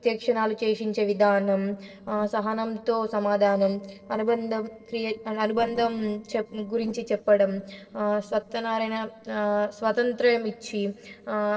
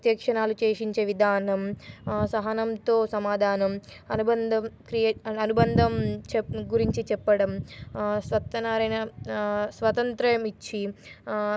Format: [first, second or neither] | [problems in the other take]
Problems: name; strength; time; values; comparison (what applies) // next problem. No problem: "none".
second | noise reduction (neural separator model SepFormer DNS4)